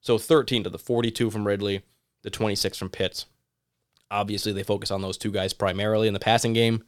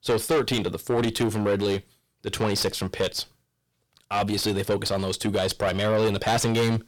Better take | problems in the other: first | distortion; heavy; 5 dB below the speech

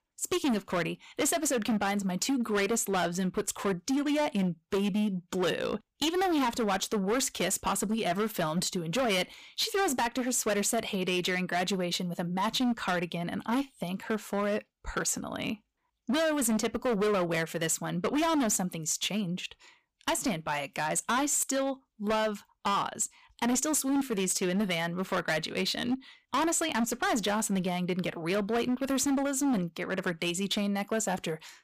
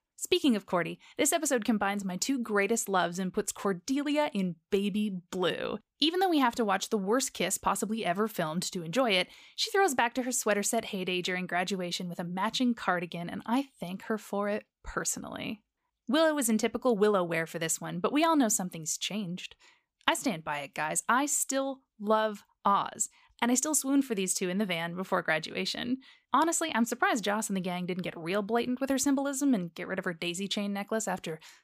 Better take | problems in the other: second | distortion; heavy; 15% of the sound clipped

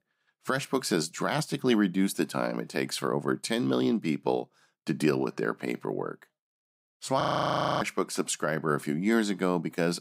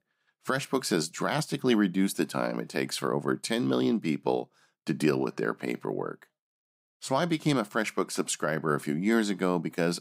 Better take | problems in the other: second | audio freezing; at 7 s for 0.5 s

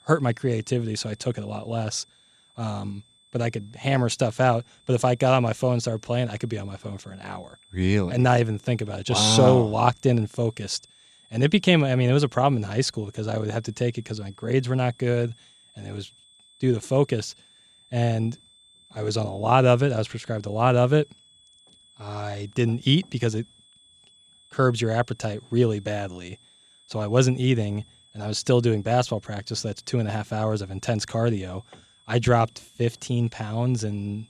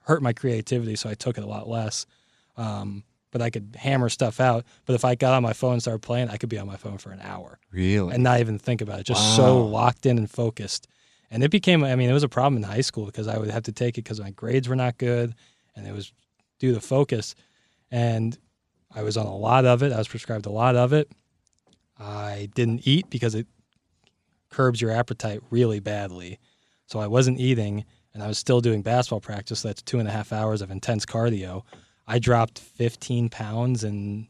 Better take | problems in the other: second | high-pitched whine; faint; throughout; 3.5 kHz, 30 dB below the speech

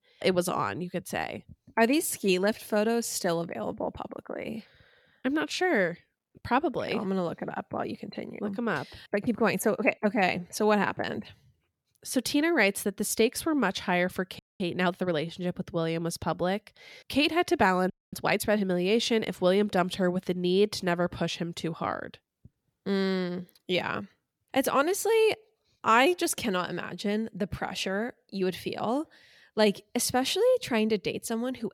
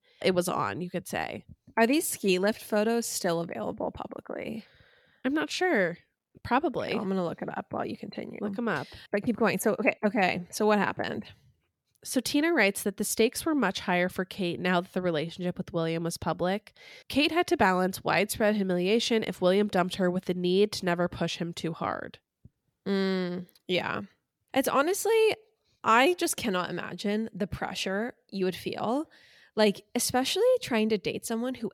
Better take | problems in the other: second | audio freezing; at 14 s and at 18 s

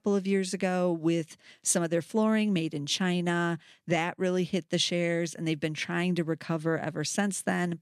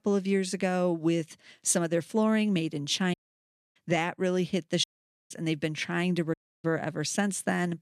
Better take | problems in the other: first | audio cutting out; at 3 s for 0.5 s, at 5 s and at 6.5 s

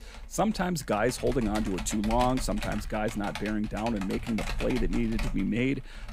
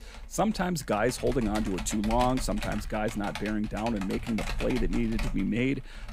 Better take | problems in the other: neither | keyboard typing; noticeable; peak 5 dB below the speech; the same in both

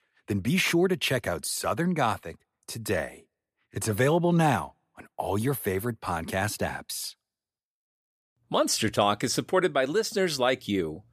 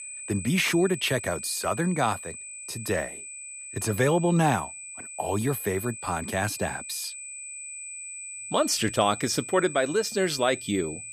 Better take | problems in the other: first | high-pitched whine; noticeable; throughout; 8 kHz, 10 dB below the speech

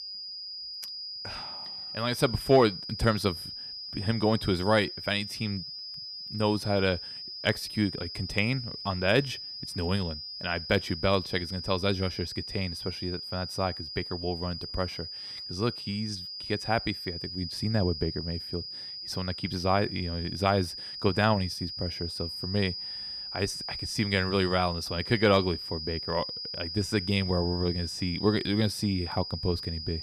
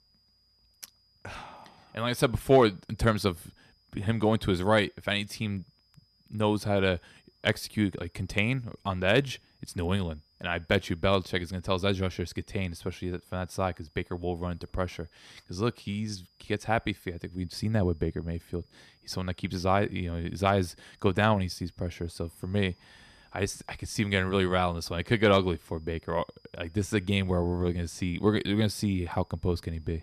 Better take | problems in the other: second | high-pitched whine; loud; throughout; 5 kHz, 7 dB below the speech; faint in the second

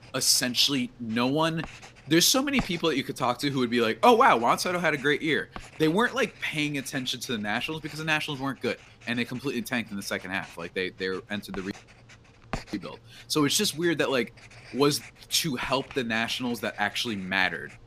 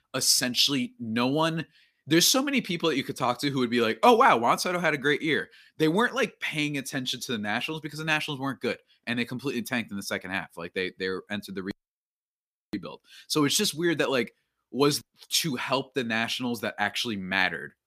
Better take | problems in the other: second | household noises; noticeable; throughout; 20 dB below the speech

